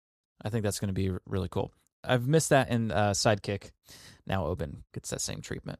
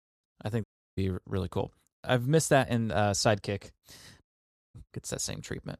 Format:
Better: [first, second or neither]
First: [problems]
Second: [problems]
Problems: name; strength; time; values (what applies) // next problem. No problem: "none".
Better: first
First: none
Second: audio cutting out; at 0.5 s and at 4 s for 0.5 s